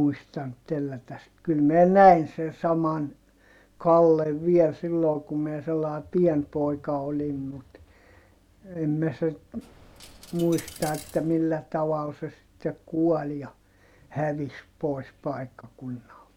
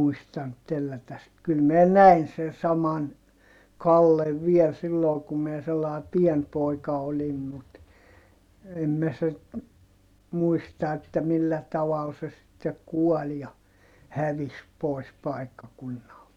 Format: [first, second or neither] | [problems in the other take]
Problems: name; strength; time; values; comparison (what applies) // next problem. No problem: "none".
second | background sound (Coin (dropping)); 19 dB below the speech